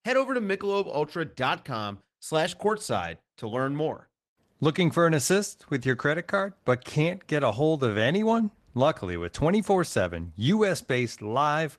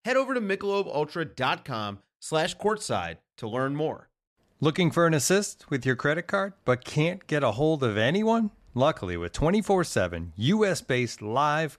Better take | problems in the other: second | garbled, watery; slightly; nothing above 13.5 kHz

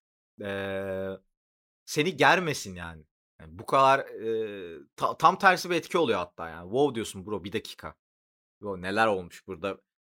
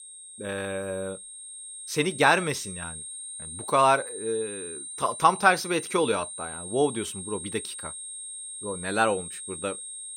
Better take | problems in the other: first | high-pitched whine; loud; throughout; 8.5 kHz, 10 dB below the speech

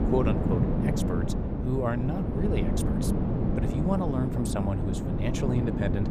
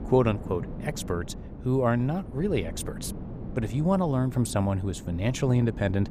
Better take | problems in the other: second | wind noise on the microphone; heavy; as loud as the speech; occasional gusts in the second

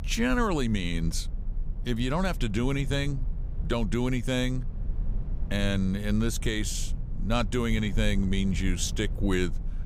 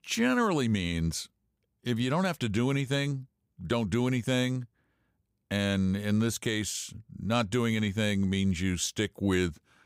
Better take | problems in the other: second | low rumble; noticeable; throughout; 20 dB below the speech

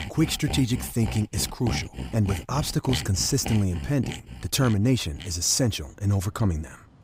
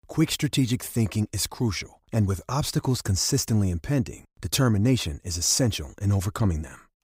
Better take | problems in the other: second | machinery noise; loud; throughout; 10 dB below the speech

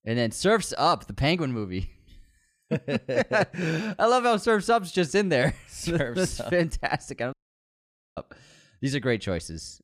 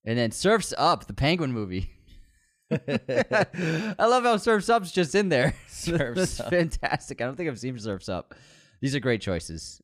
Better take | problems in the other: second | audio cutting out; at 7.5 s for 1 s

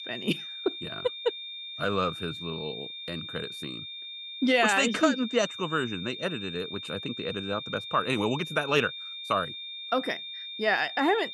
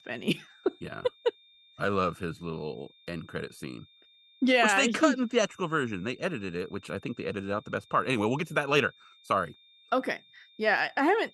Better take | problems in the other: second | high-pitched whine; loud; throughout; 3.5 kHz, 8 dB below the speech; faint in the second

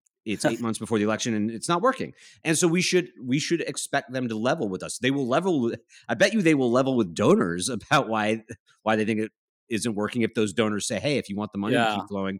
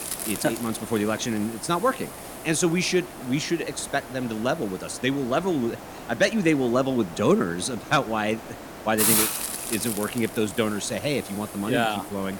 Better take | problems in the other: first | hiss; loud; throughout; 6 dB below the speech

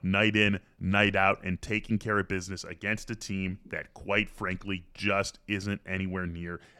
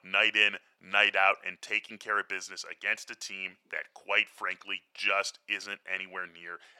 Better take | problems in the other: first | thin; very; fading below 750 Hz

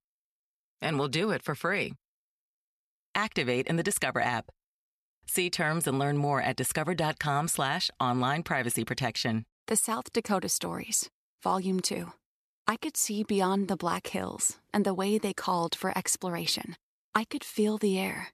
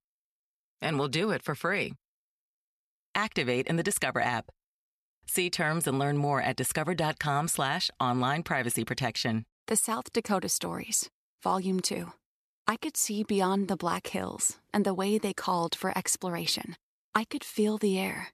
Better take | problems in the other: neither | none

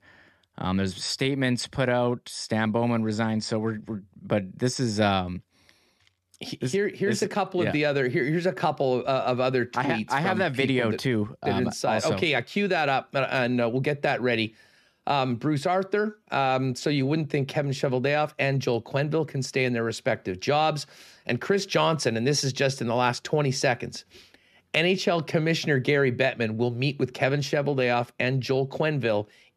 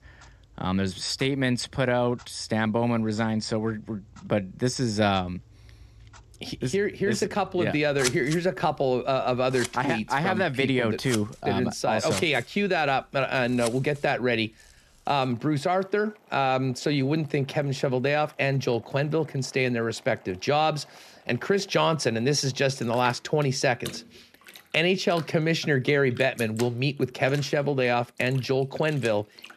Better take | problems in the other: first | household noises; noticeable; throughout; 15 dB below the speech

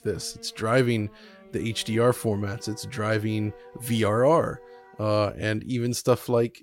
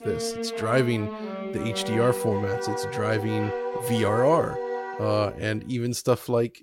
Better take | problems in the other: first | background music; loud; until 5 s; 5 dB below the speech; faint in the first

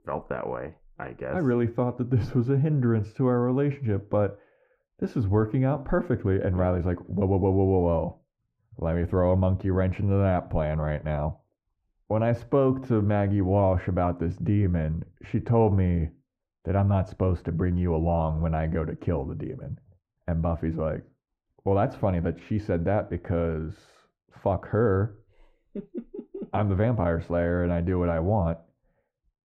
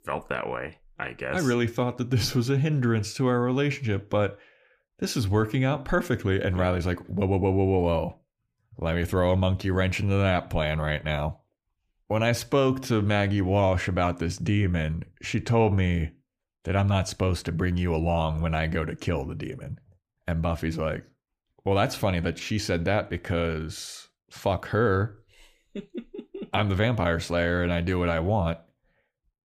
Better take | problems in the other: second | muffled; very; fading above 2 kHz

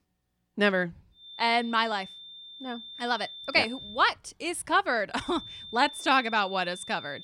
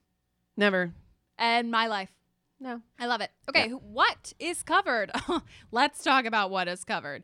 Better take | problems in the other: second | high-pitched whine; noticeable; from 1.5 to 4 s and from 5 s on; 3.5 kHz, 15 dB below the speech

